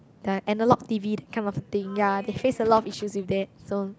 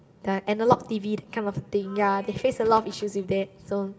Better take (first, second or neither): first